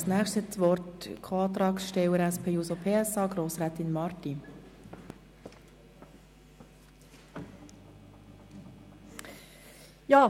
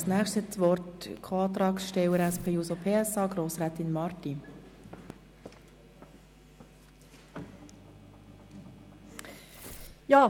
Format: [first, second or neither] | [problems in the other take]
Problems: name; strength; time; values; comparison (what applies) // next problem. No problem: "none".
first | background sound (Tearing); 19 dB below the speech